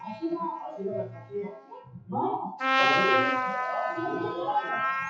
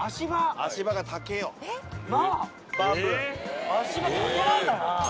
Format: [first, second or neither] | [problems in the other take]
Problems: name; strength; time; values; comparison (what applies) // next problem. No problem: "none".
second | noise reduction (classical method WPE with log-MMSE)